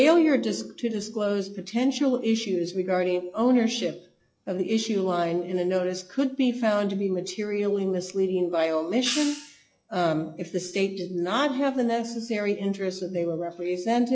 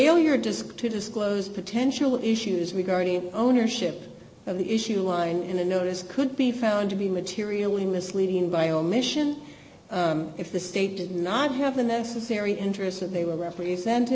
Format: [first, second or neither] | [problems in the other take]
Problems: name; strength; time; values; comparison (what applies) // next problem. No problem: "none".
second | noise reduction (classical method log-MMSE)